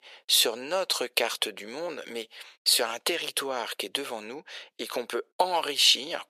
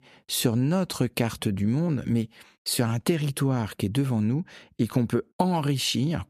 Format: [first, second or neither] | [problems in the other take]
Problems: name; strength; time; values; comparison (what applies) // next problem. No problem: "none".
second | thin; very; fading below 500 Hz